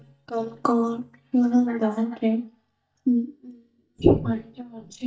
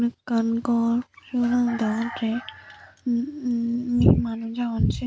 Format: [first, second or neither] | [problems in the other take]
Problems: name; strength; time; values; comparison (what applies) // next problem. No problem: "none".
second | noise reduction (neural mask model DeepFilterNet 3)